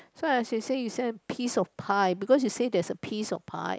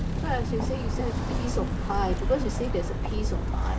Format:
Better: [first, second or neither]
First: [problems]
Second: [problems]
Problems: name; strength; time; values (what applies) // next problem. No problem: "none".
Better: first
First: none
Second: background sound (Walk, footsteps); 4 dB above the speech // room echo; dies away in 0.3 s